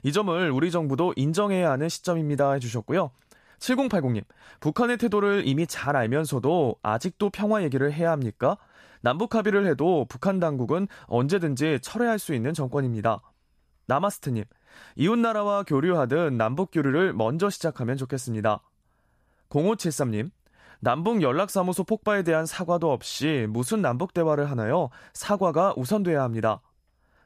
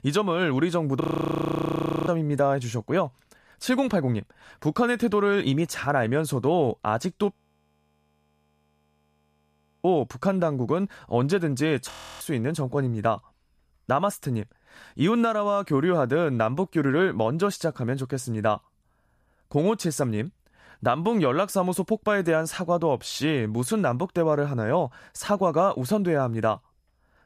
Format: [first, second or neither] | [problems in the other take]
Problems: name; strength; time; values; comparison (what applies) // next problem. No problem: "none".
first | audio freezing; at 1 s for 1 s, at 7.5 s for 2.5 s and at 12 s